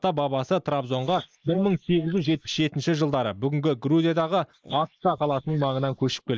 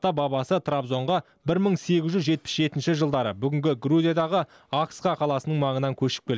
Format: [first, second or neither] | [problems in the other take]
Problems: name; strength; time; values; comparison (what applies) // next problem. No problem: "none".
second | noise reduction (neural mask model Resemble Enhance denoiser)